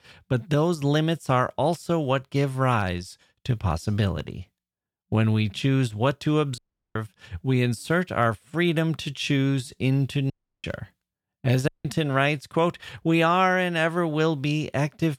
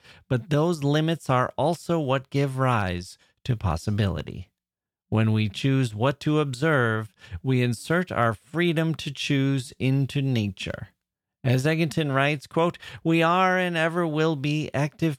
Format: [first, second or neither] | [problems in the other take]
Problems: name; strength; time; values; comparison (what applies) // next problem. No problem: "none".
second | audio cutting out; at 6.5 s, at 10 s and at 12 s